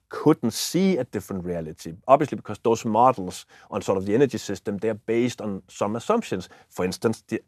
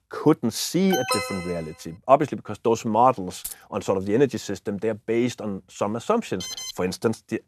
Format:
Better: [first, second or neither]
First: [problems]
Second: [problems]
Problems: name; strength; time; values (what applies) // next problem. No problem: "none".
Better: first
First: none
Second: alarm; noticeable; at 1 s and at 6.5 s; peak 1 dB below the speech // jangling keys; faint; at 3.5 s; peak 10 dB below the speech